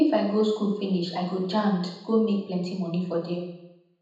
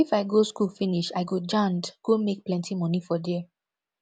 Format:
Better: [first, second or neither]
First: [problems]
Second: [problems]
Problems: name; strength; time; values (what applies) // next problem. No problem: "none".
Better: second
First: room echo; dies away in 0.8 s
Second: none